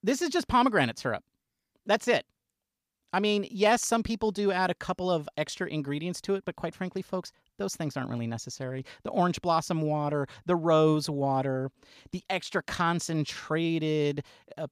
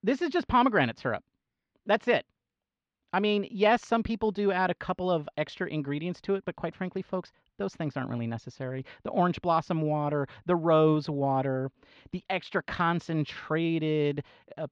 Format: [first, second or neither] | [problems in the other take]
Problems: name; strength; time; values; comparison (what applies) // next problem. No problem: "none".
first | muffled; slightly; fading above 3.5 kHz